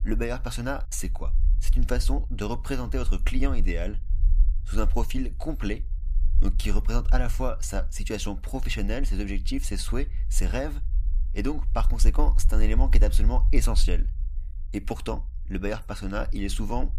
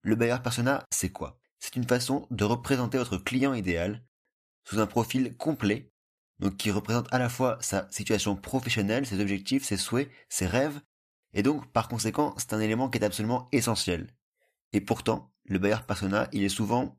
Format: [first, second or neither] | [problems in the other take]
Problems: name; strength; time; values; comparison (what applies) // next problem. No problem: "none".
second | low rumble; noticeable; throughout; 20 dB below the speech